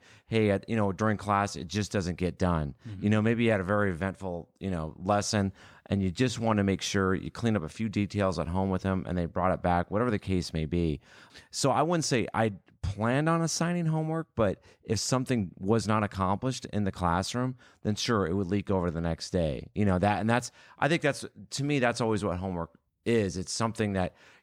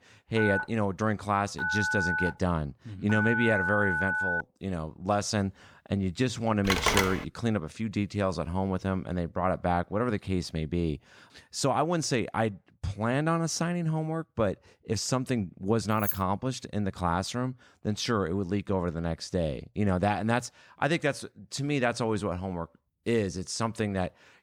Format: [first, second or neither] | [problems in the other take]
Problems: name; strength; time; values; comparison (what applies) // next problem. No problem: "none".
first | phone ringing; loud; until 4.5 s and at 6.5 s; peak 5 dB above the speech // jangling keys; noticeable; at 16 s; peak 1 dB below the speech